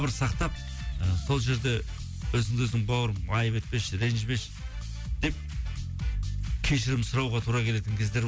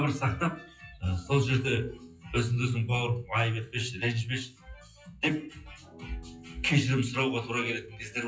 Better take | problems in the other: first | noise reduction (classical method WPE with log-MMSE)

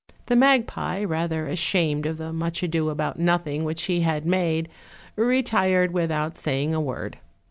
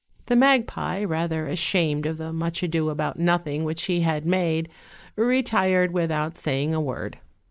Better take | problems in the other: first | noise reduction (neural mask model Resemble Enhance denoiser)

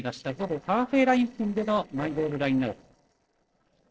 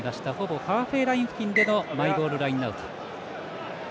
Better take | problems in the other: second | noise reduction (neural separator model SepFormer DNS4)

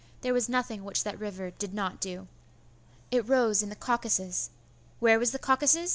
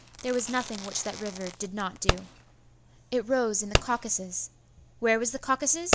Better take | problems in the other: first | background sound (Fireworks); 4 dB below the speech

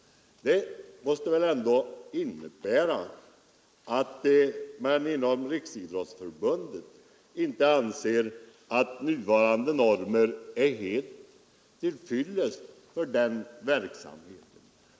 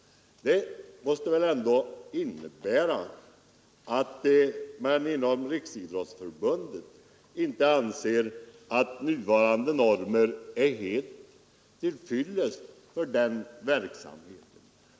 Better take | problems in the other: second | noise reduction (neural mask model Resemble Enhance denoiser)

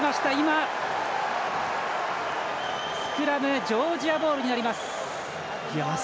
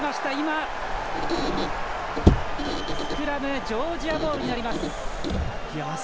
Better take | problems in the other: first | background sound (Squeak); 2 dB above the speech

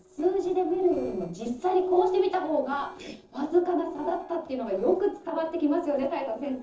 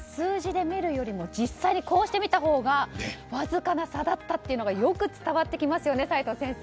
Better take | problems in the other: second | noise reduction (neural separator model SepFormer DNS4)

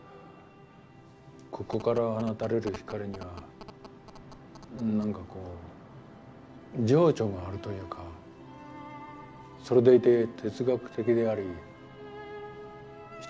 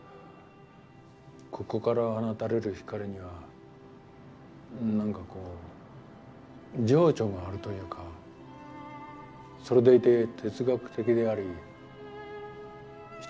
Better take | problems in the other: second | background sound (Telephone); 18 dB below the speech

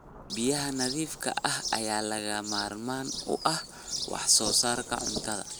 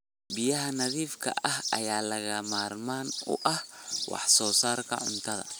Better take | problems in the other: second | background sound (Rain / Thunderstorm); 16 dB below the speech

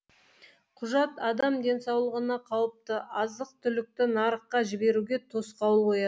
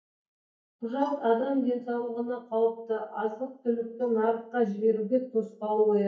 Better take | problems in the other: first | noise reduction (neural mask model DeepFilterNet 3)

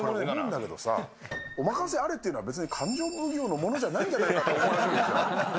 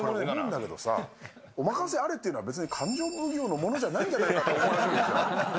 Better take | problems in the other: second | background sound (Piano); 18 dB below the speech

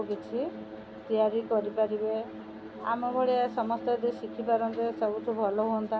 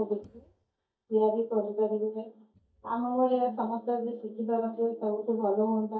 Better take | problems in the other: first | noise reduction (neural mask model DeepFilterNet 3)

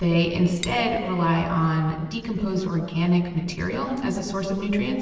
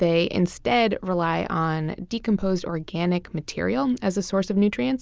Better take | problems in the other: second | noise reduction (neural separator model SepFormer DNS4)

